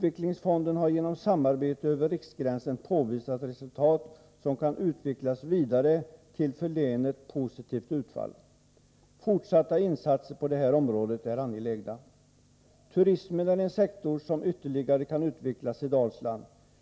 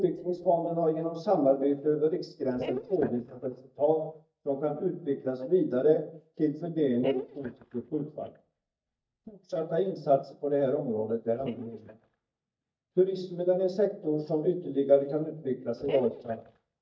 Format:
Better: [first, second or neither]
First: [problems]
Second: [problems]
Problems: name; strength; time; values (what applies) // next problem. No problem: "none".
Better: first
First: none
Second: noise reduction (neural mask model DeepFilterNet 3)